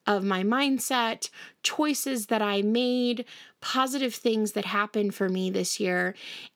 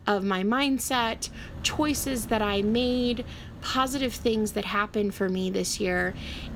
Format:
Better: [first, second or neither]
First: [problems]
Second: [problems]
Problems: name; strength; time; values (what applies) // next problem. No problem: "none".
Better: first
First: none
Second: wind noise on the microphone; occasional gusts; 20 dB below the speech